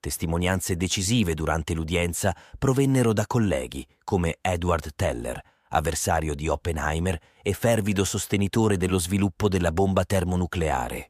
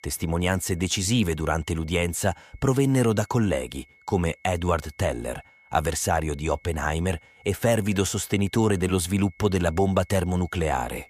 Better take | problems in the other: first | high-pitched whine; faint; throughout; 2 kHz, 30 dB below the speech

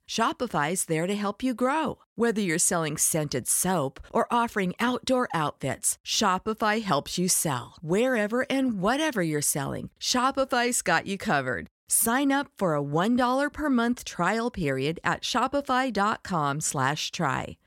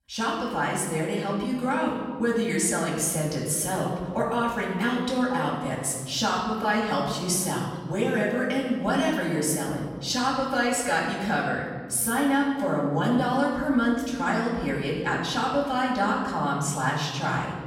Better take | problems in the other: first | off-mic speech; far // room echo; noticeable; dies away in 1.6 s

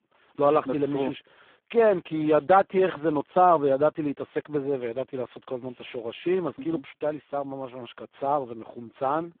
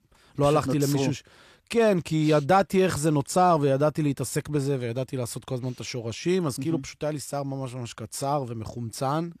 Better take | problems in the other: second | phone-call audio; poor line; nothing above 3.5 kHz

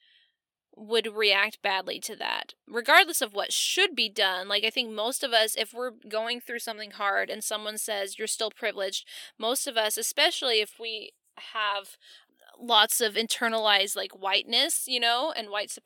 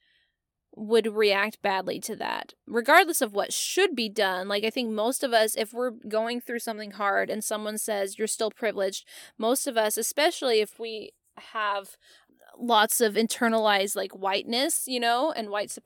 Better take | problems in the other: second | thin; very slightly; fading below 550 Hz

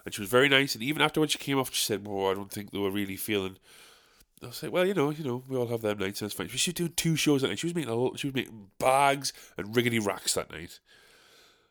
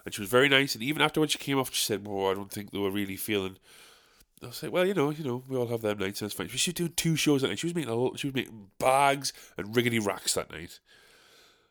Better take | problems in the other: neither | none

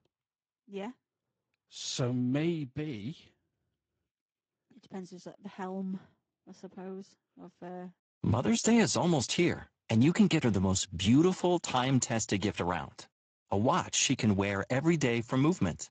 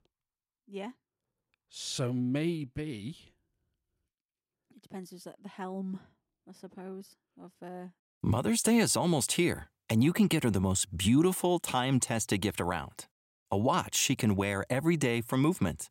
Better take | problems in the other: second | garbled, watery; slightly; nothing above 7.5 kHz

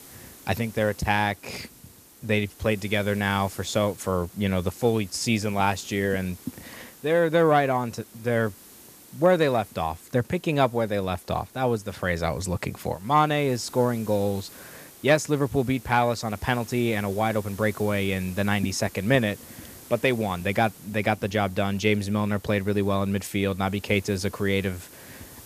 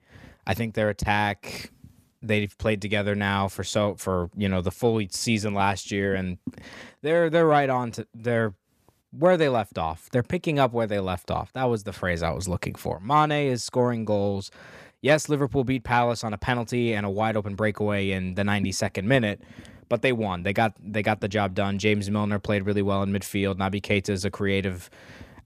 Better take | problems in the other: second | hiss; faint; throughout; 20 dB below the speech

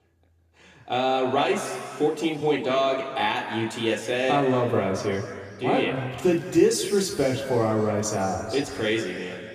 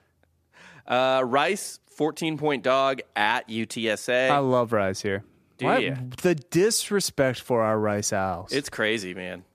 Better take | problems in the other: second | room echo; noticeable; dies away in 2.1 s // off-mic speech; somewhat distant

